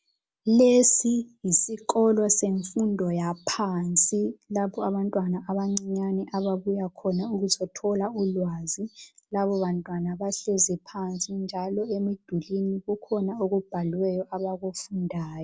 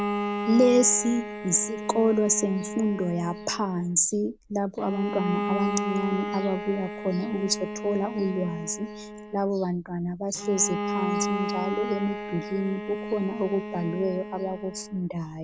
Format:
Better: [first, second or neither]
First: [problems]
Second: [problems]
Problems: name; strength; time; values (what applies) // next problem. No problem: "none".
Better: first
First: none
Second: background sound (Bowed string instrument); 6 dB below the speech